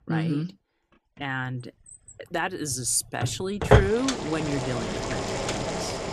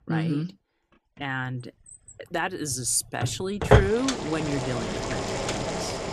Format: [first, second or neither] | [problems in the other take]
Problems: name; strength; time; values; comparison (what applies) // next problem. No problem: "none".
neither | household noises; very loud; throughout; 2 dB above the speech; the same in both